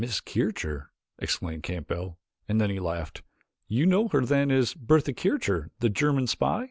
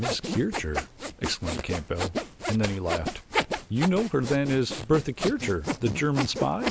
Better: first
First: none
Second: background sound (Sawing); 5 dB below the speech

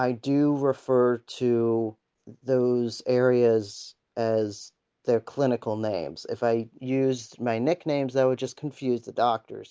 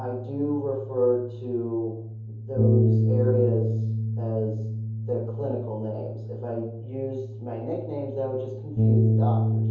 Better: first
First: none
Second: background sound (Bass guitar); 4 dB above the speech // room echo; dies away in 0.7 s

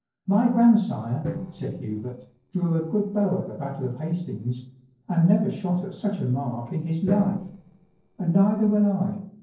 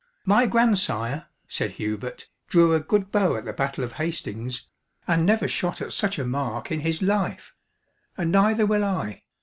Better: second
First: noise reduction (neural separator model SepFormer DNS4)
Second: none

